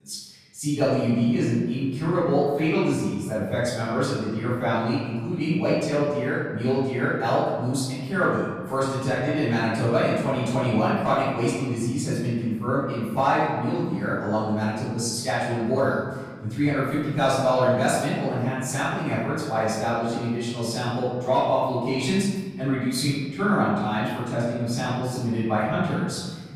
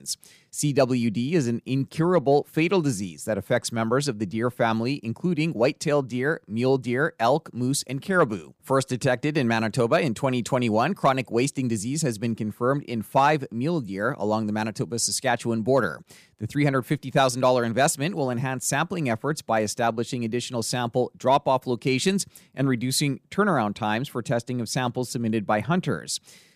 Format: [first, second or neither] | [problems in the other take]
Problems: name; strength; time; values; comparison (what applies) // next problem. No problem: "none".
second | off-mic speech; far // room echo; strong; dies away in 1.4 s